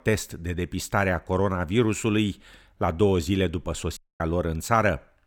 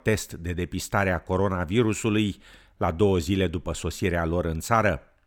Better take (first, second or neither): second